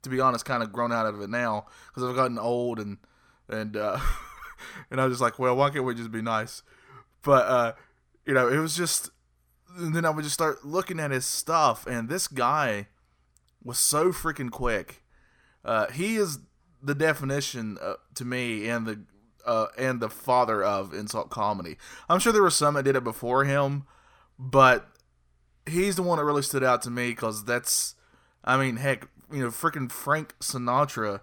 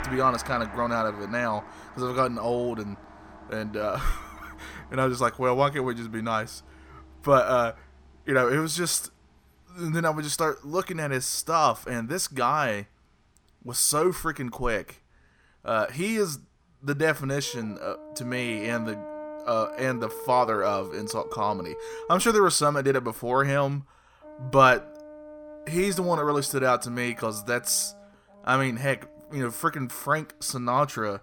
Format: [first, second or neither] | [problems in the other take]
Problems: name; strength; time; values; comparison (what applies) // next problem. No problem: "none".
first | background music; noticeable; throughout; 15 dB below the speech